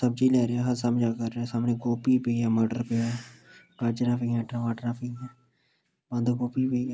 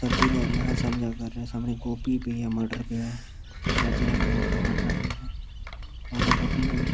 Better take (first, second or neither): first